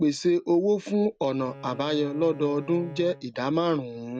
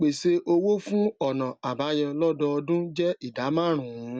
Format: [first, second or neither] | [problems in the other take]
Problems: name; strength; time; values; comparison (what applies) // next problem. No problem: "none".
second | background sound (Bowed string instrument); 19 dB below the speech